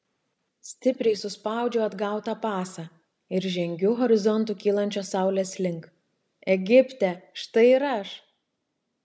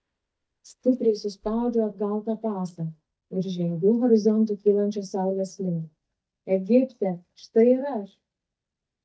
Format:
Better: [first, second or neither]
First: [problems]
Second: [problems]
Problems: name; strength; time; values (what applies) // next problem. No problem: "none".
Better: first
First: none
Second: noise reduction (neural mask model DeepFilterNet 3)